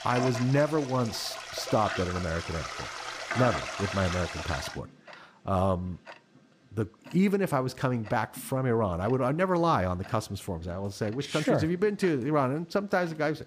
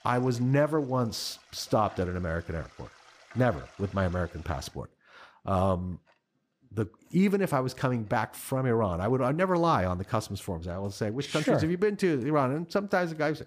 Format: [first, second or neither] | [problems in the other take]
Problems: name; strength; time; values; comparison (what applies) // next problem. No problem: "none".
second | household noises; loud; throughout; 8 dB below the speech; faint in the second